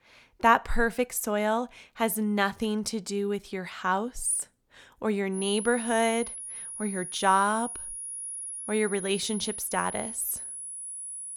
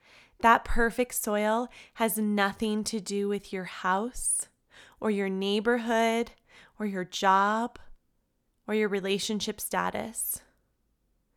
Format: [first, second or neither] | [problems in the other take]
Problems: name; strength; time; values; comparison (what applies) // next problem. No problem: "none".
second | high-pitched whine; loud; from 5.5 s on; 10.5 kHz, 7 dB below the speech